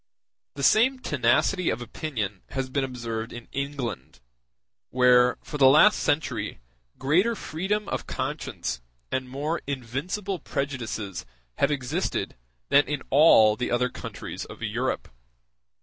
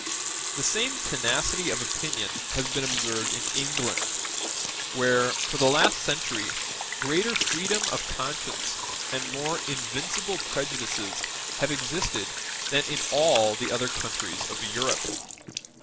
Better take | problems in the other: first | background sound (Sink (filling or washing) / Water tap, faucet); as loud as the speech

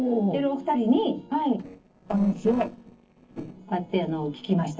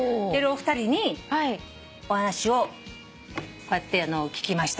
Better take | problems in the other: second | noise reduction (neural separator model SepFormer DNS4)

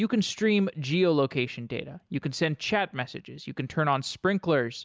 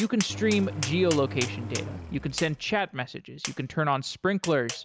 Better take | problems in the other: first | background sound (Tap + Engine); 9 dB below the speech

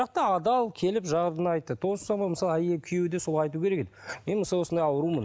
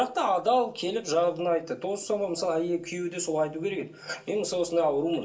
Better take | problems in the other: first | room echo; dies away in 0.2 s

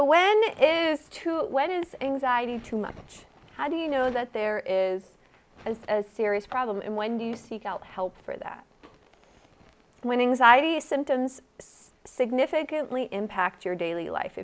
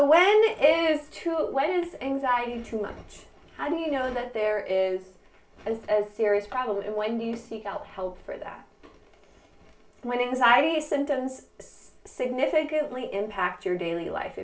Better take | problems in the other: first | room echo; dies away in 0.3 s

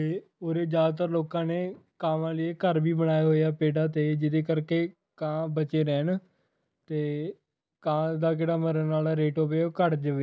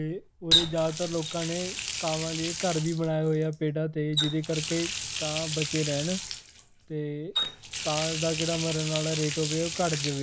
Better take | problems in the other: first | background sound (Water tap, faucet); 3 dB below the speech

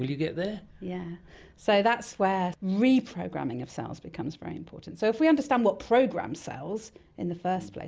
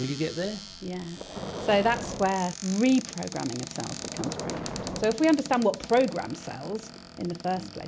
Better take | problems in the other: first | background sound (Cupboard open or close + Boom); 10 dB below the speech

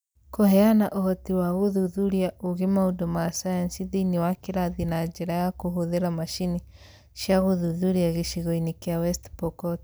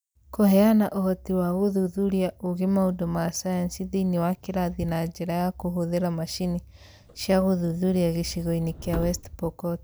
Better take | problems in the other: first | background sound (Subway, metro, underground); 14 dB below the speech

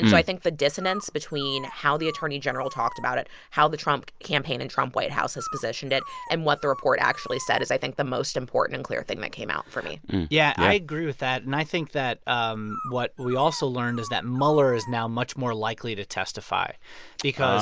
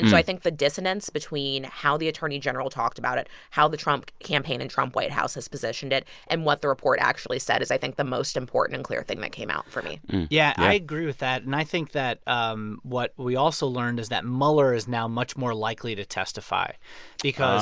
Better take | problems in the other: second | background sound (Dog); 14 dB below the speech

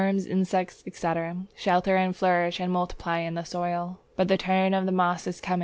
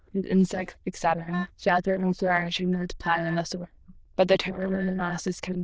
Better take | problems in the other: first | noise reduction (neural diffusion model UNIVERSE++)

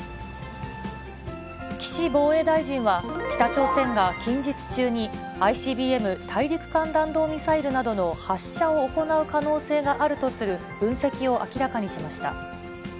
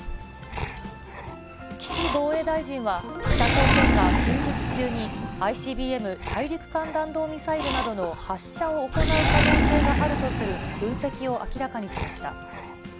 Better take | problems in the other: first | background sound (Animal); 3 dB above the speech

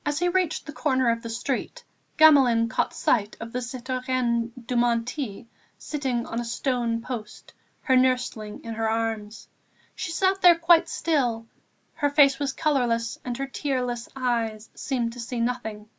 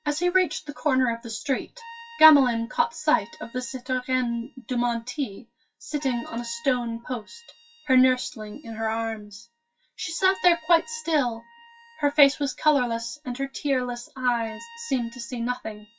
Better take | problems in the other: first | noise reduction (classical method WPE with log-MMSE)

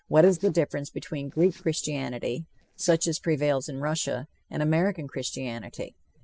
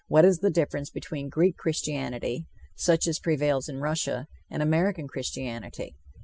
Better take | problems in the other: second | noise reduction (neural separator model SepFormer DNS4)

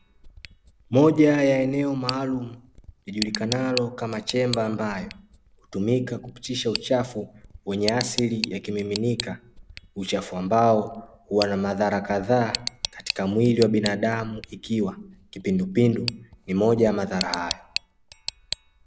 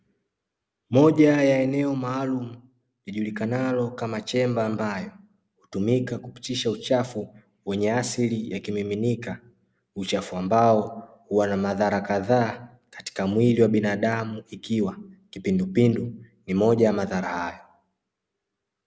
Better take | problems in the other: second | background sound (Tick); 13 dB below the speech

